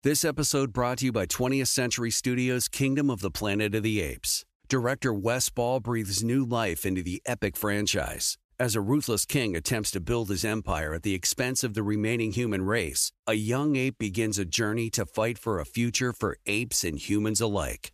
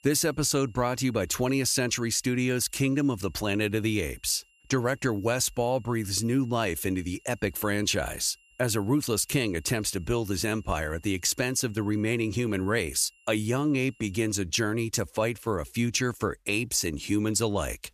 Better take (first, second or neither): first